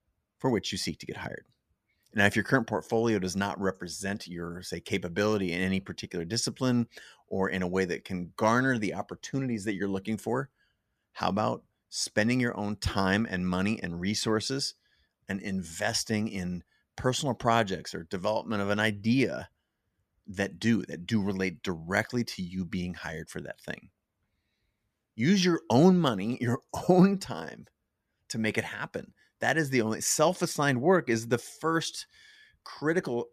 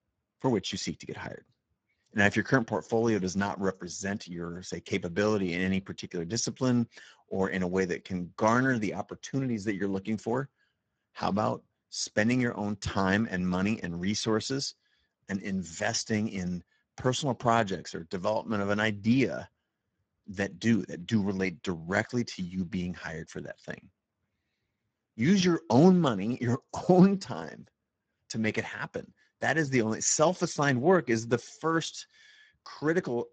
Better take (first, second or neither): first